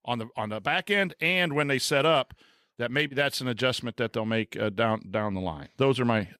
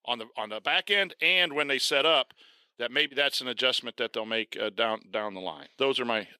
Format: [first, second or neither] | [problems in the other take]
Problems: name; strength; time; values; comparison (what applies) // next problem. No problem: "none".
first | thin; somewhat; fading below 400 Hz